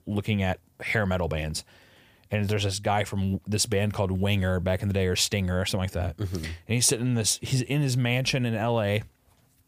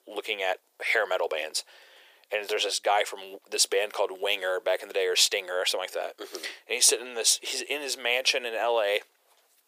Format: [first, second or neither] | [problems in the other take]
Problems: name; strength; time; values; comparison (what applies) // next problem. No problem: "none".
first | thin; very; fading below 400 Hz